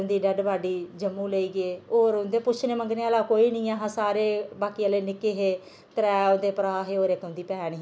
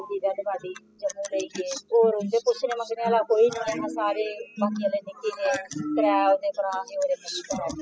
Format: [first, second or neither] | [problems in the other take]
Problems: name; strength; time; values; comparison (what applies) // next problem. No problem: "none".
first | noise reduction (classical method spectral subtraction)